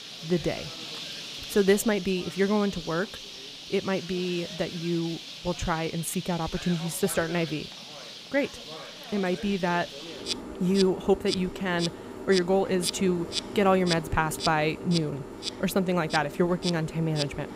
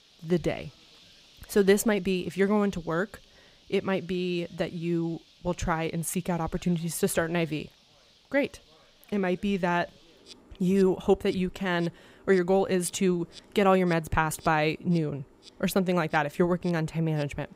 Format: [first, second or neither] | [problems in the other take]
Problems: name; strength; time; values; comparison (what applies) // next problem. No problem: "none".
second | animal sounds; loud; throughout; 9 dB below the speech; faint in the second